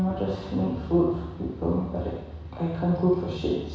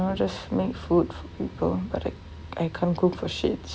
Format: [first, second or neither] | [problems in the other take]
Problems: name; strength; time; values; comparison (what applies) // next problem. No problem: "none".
second | room echo; dies away in 1.1 s